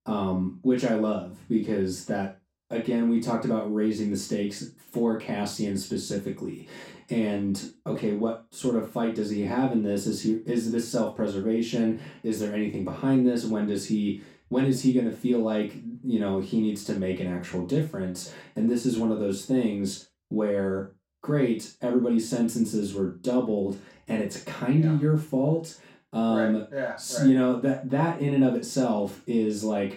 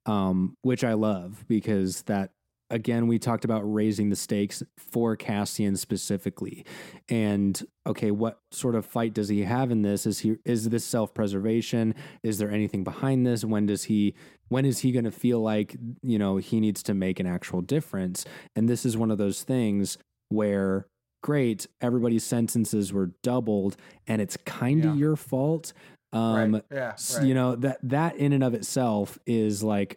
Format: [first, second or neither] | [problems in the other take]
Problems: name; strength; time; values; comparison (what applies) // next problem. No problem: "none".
second | room echo; noticeable; dies away in 0.3 s // off-mic speech; far